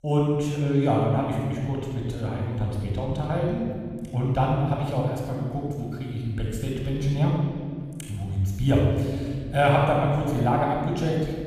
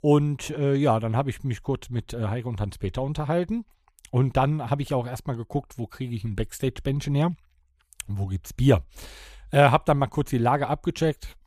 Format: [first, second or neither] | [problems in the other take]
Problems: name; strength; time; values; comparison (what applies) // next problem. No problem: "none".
second | off-mic speech; somewhat distant // room echo; noticeable; dies away in 2 s